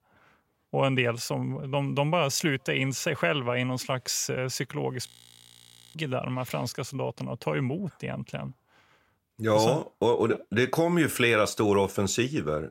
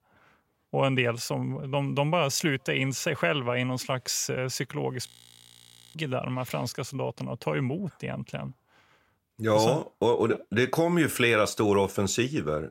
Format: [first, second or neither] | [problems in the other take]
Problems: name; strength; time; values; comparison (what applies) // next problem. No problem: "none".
neither | audio freezing; at 5 s for 1 s; the same in both